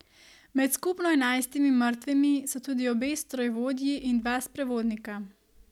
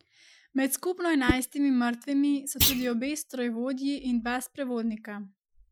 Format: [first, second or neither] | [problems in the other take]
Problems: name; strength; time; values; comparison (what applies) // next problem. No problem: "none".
first | noise reduction (classical method Wiener filter)